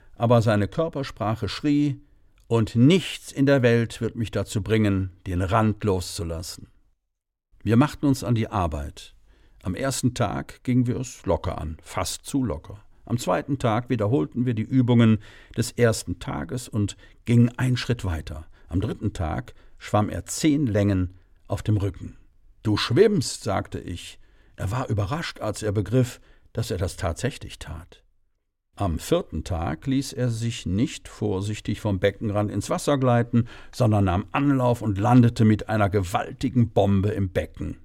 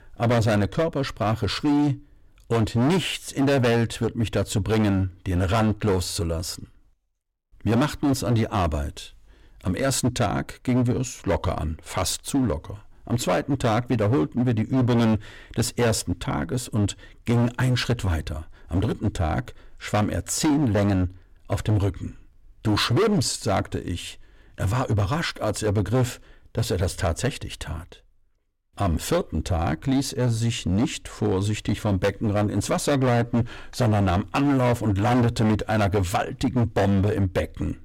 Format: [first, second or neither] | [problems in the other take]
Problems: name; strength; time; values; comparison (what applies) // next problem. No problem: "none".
first | distortion; heavy; 13% of the sound clipped